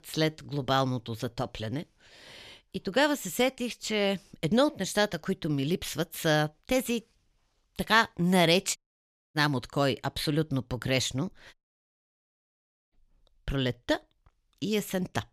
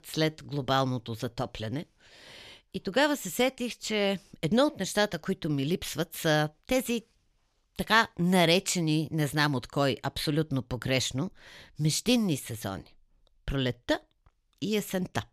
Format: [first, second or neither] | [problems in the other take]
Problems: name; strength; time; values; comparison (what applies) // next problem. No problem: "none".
second | audio cutting out; at 9 s for 0.5 s and at 12 s for 1.5 s